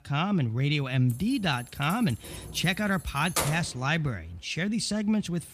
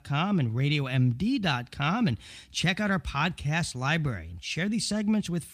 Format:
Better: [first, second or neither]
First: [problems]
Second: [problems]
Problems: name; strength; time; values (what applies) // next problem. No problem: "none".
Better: second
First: jangling keys; noticeable; from 1 to 3.5 s; peak 1 dB below the speech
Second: none